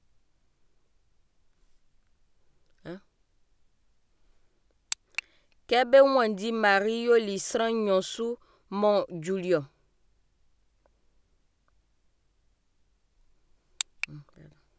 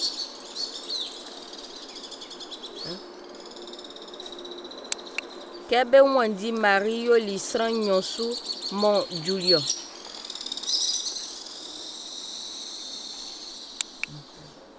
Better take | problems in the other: first | background sound (Bird vocalization, bird call, bird song); 6 dB below the speech

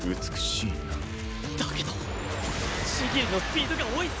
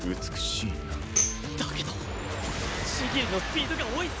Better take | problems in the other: first | background sound (Tambourine); 2 dB below the speech

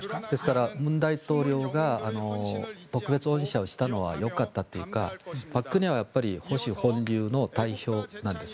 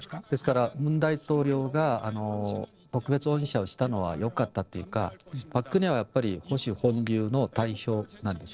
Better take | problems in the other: first | noise reduction (neural separator model SepFormer DNS4)

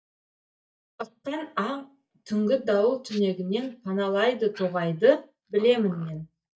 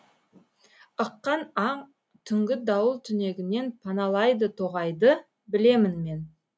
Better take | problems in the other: second | noise reduction (neural mask model DeepFilterNet 3)

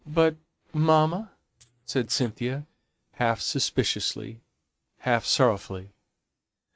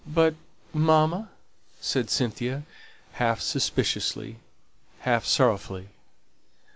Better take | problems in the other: second | noise reduction (neural mask model RNNoise)

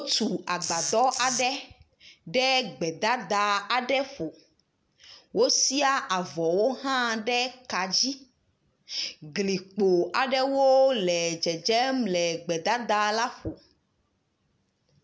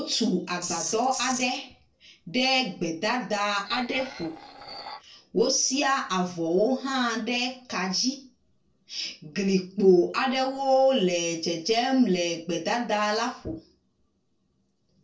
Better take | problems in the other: first | noise reduction (neural separator model SepFormer DNS4)

